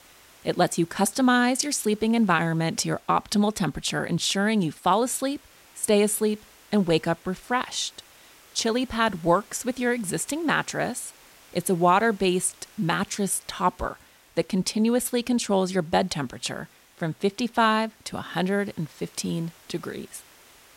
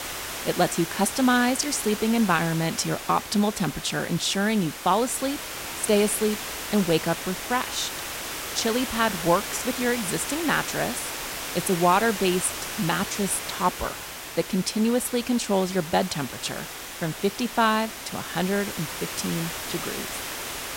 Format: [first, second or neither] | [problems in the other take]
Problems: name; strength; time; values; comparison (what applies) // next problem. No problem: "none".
first | hiss; loud; throughout; 7 dB below the speech; faint in the first